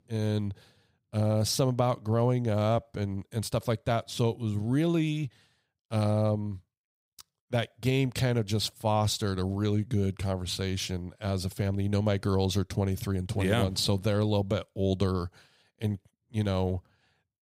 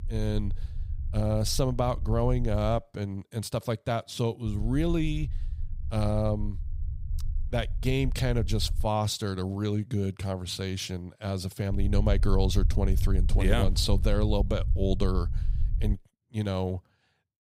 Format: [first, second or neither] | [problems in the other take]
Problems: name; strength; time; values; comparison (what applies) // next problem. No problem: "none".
first | low rumble; noticeable; until 3 s, from 4.5 to 9 s and from 12 to 16 s; 20 dB below the speech